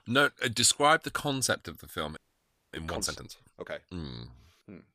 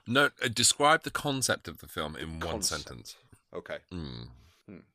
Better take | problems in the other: second | audio freezing; at 2 s for 0.5 s

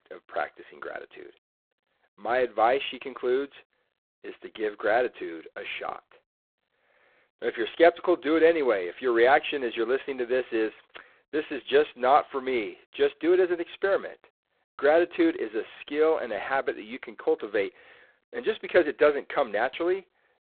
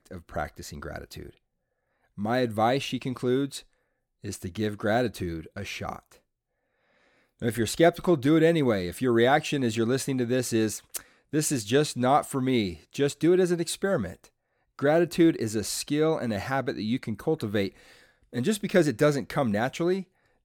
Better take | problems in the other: second | phone-call audio; poor line; nothing above 3.5 kHz

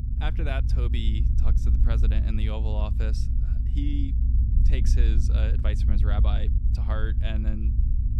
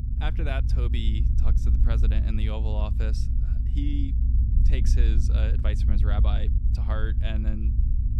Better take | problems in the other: neither | low rumble; loud; throughout; 5 dB below the speech; the same in both

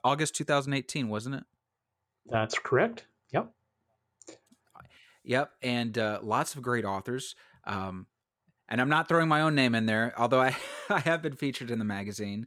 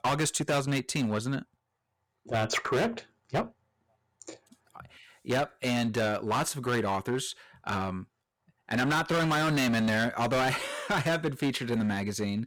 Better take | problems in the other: first | distortion; heavy; 13% of the sound clipped

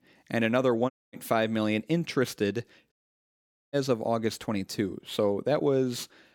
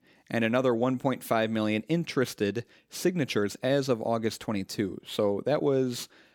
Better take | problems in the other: second | audio cutting out; at 1 s and at 3 s for 1 s

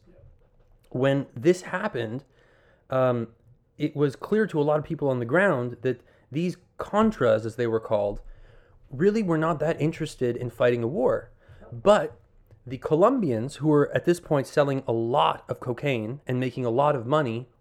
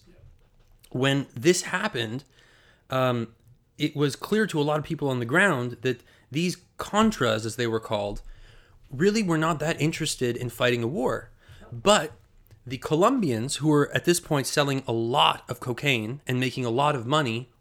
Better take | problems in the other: second | muffled; slightly; fading above 2.5 kHz

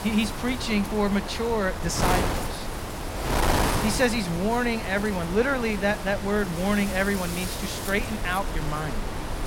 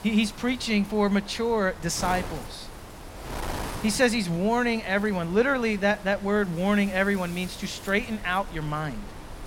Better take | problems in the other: second | wind noise on the microphone; heavy; 4 dB below the speech; occasional gusts in the second

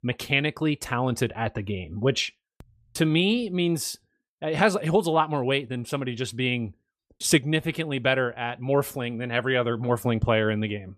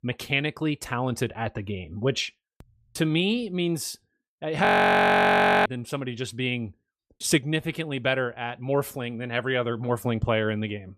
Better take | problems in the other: first | audio freezing; at 4.5 s for 1 s

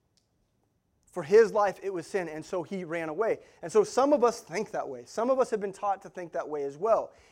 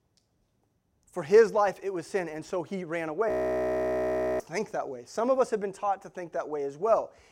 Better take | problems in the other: first | audio freezing; at 3.5 s for 1 s

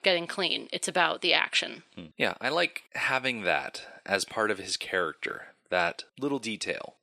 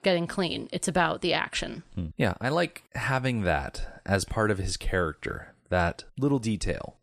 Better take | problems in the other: second | thin; somewhat; fading below 300 Hz

